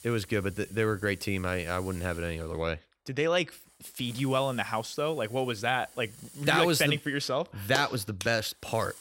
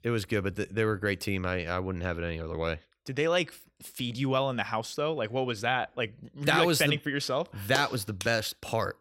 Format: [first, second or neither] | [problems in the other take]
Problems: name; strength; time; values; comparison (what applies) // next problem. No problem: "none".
second | hiss; faint; throughout; 20 dB below the speech